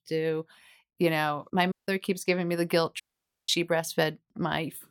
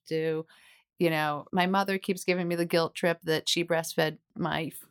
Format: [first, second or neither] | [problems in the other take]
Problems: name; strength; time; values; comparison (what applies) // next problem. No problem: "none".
second | audio cutting out; at 1.5 s and at 3 s